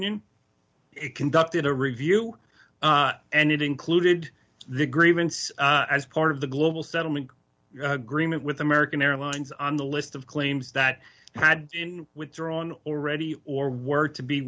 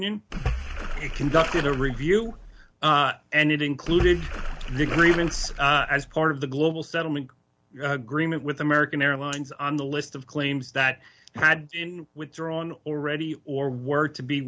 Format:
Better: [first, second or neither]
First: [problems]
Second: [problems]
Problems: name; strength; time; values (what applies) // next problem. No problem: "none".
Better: first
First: none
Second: background sound (Splash, splatter); 5 dB below the speech